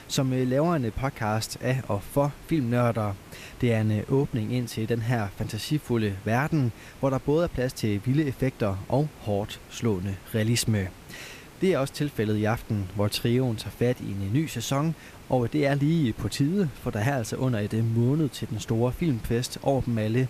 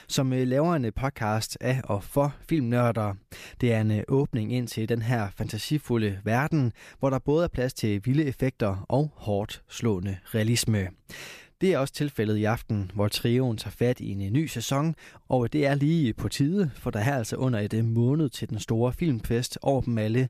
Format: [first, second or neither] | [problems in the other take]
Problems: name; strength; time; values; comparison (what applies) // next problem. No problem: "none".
second | hiss; faint; throughout; 20 dB below the speech